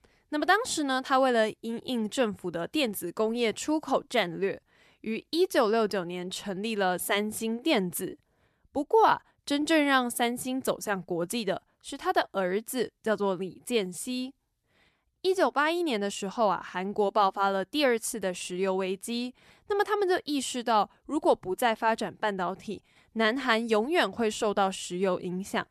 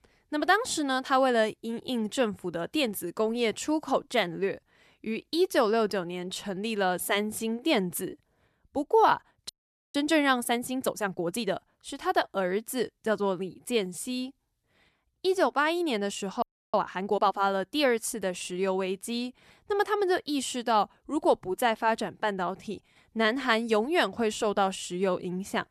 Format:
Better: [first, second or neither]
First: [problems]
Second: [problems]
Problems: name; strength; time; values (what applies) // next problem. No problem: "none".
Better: first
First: none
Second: audio freezing; at 9.5 s and at 16 s